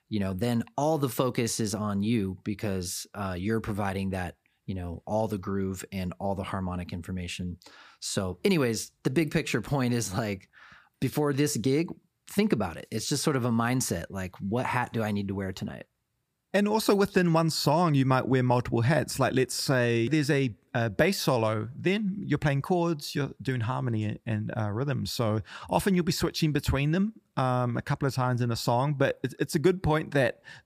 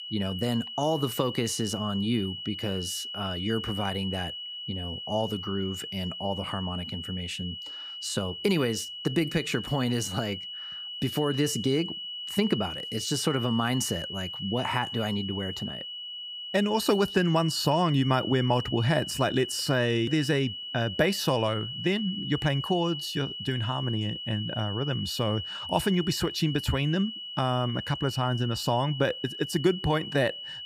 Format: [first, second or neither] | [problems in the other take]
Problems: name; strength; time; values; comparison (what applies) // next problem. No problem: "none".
first | high-pitched whine; loud; throughout; 3 kHz, 7 dB below the speech